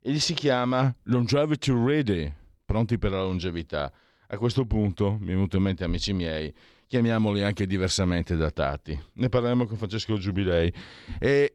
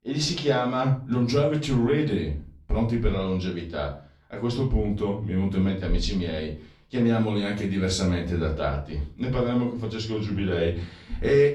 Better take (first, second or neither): first